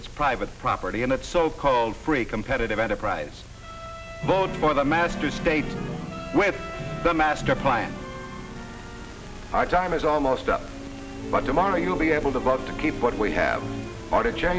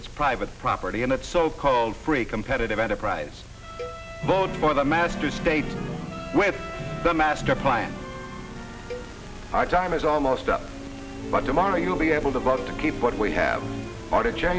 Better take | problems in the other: first | background sound (Cowbell); 20 dB below the speech

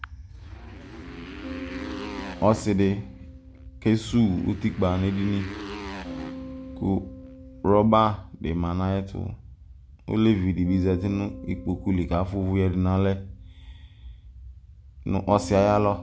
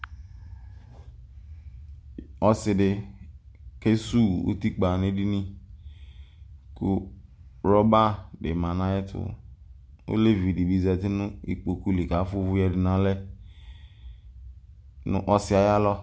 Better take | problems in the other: second | background sound (Motorcycle + Bass guitar); 15 dB below the speech

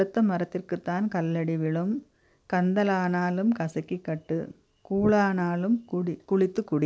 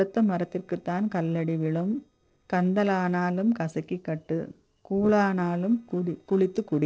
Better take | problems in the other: first | noise reduction (neural separator model SepFormer DNS4)

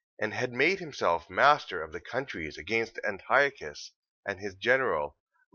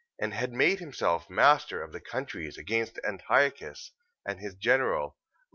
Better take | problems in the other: second | noise reduction (neural mask model Resemble Enhance denoiser)

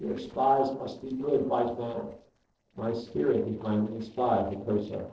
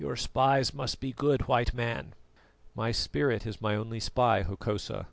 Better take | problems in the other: second | noise reduction (neural separator model SepFormer DNS4)

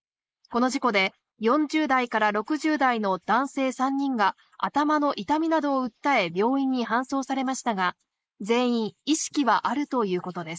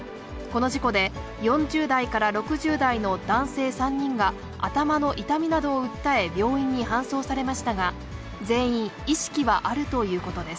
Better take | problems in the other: second | noise reduction (neural mask model Resemble Enhance denoiser)

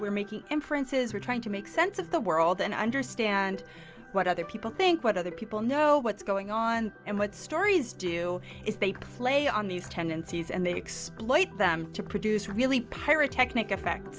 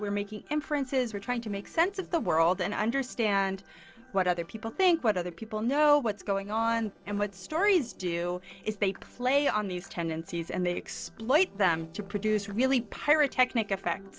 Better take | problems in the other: first | noise reduction (neural separator model SepFormer DNS4)

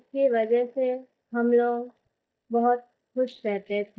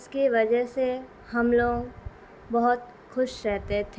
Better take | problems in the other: second | noise reduction (neural mask model DeepFilterNet 3)

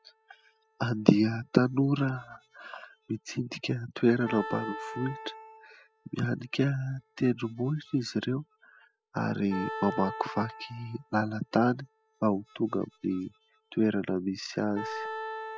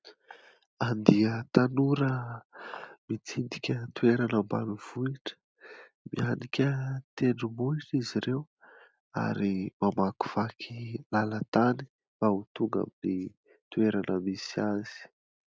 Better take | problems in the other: second | noise reduction (classical method spectral subtraction)

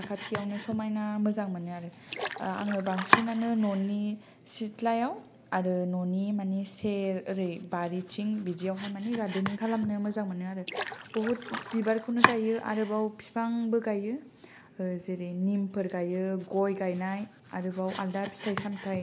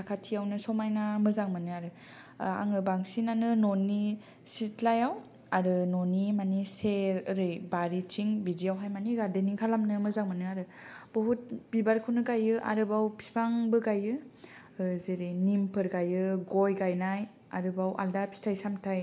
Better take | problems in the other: second | background sound (Splash, splatter + Domestic sounds, home sounds); 7 dB below the speech

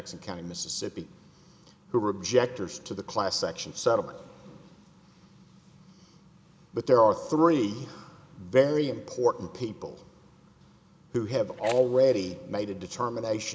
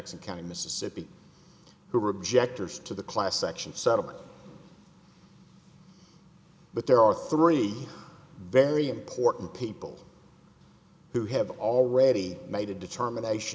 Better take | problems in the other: second | background sound (Fire); 17 dB below the speech

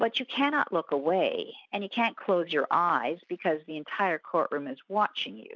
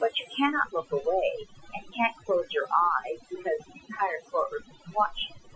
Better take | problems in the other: first | noise reduction (classical method Wiener filter)

